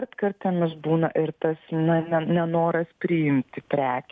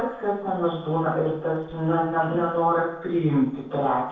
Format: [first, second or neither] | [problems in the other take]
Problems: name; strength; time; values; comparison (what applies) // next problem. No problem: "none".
first | noise reduction (neural separator model SepFormer DNS4)